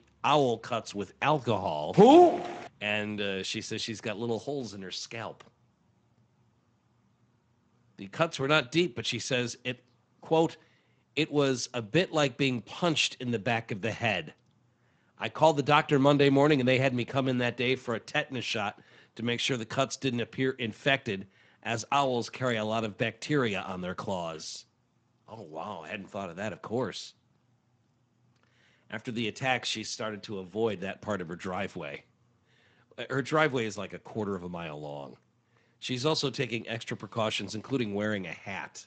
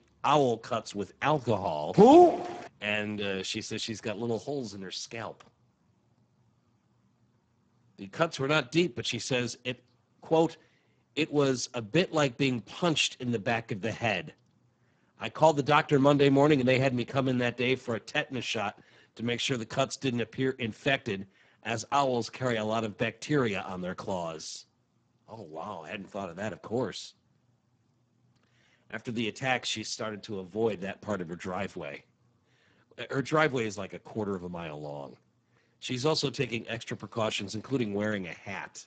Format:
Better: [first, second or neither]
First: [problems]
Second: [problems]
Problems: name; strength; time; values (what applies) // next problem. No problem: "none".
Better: first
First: garbled, watery; slightly; nothing above 8 kHz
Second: garbled, watery; badly; nothing above 7.5 kHz